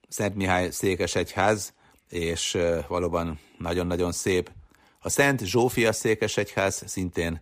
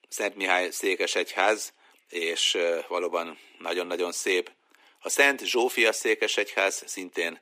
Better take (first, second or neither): first